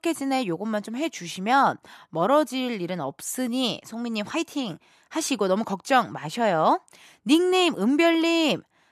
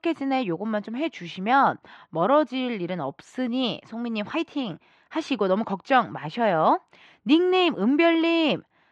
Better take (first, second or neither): first